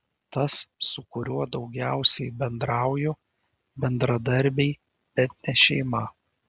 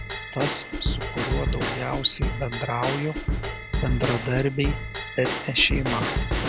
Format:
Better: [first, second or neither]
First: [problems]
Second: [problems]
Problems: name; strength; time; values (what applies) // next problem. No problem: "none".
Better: first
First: none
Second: background sound (Bell / Drum / Drum kit); as loud as the speech